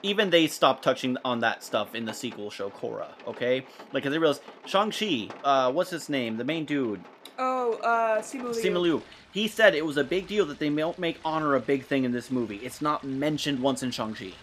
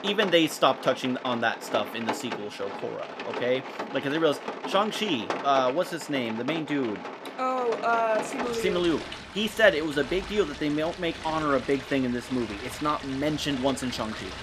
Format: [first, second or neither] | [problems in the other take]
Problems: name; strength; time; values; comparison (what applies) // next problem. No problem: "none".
first | rain or running water; loud; throughout; 9 dB below the speech; faint in the first